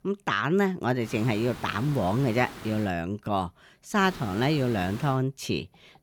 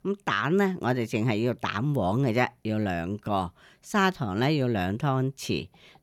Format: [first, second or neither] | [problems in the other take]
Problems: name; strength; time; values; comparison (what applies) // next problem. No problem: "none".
second | hiss; noticeable; from 1 to 3 s and from 4 to 5 s; 15 dB below the speech